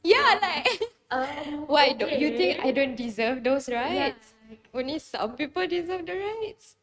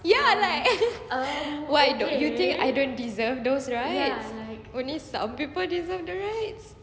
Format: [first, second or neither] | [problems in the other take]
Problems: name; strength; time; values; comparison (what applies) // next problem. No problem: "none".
second | noise reduction (neural mask model RNNoise)